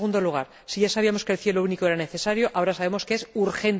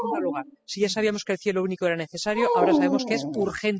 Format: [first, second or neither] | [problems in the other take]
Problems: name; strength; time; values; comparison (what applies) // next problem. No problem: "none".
first | noise reduction (classical method spectral subtraction)